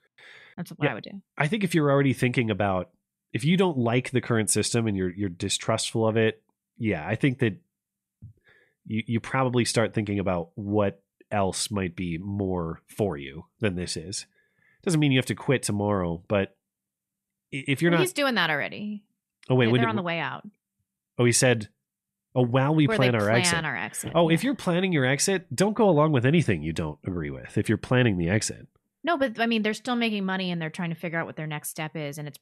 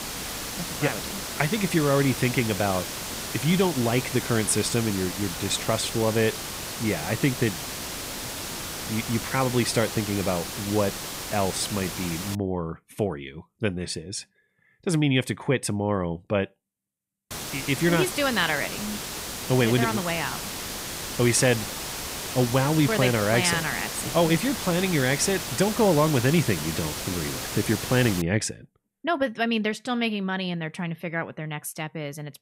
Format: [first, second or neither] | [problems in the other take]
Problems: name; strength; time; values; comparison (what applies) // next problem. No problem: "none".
first | hiss; loud; until 12 s and from 17 to 28 s; 6 dB below the speech